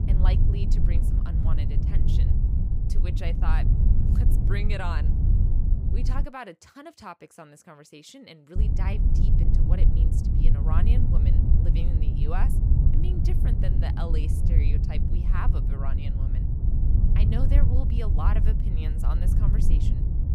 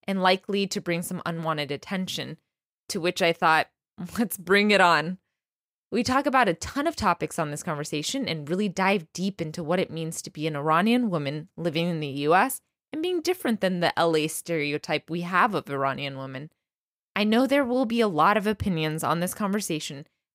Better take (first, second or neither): second